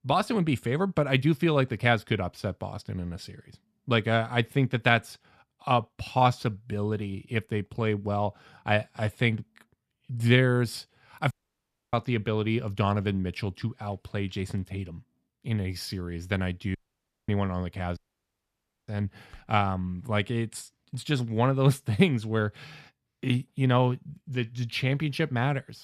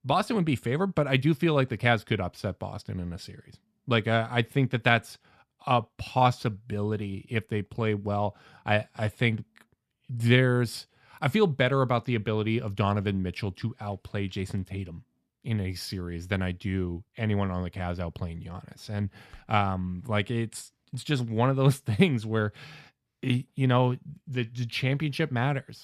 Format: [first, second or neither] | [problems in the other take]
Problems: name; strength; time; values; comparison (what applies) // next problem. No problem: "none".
second | audio cutting out; at 11 s for 0.5 s, at 17 s for 0.5 s and at 18 s for 1 s